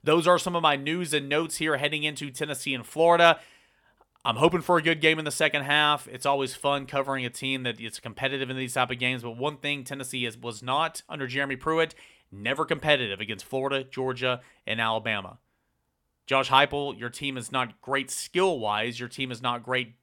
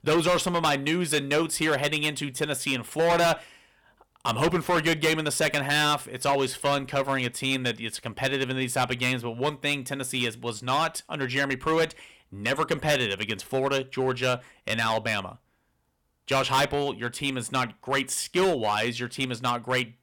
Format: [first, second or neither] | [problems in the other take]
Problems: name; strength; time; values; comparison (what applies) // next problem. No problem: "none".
first | distortion; heavy; 7% of the sound clipped